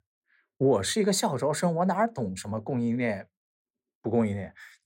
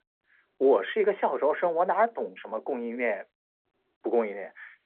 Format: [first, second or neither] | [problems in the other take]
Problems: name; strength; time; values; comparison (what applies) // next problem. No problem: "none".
first | phone-call audio